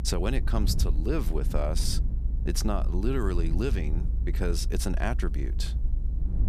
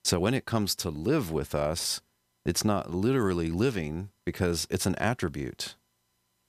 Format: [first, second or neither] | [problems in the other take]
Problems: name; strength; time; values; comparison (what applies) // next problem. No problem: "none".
second | low rumble; noticeable; throughout; 15 dB below the speech